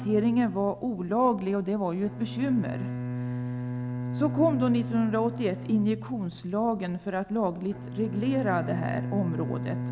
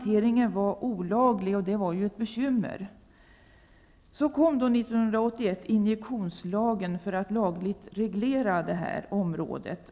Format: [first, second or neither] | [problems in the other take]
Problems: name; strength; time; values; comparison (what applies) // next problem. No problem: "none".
second | background sound (Bowed string instrument); 7 dB below the speech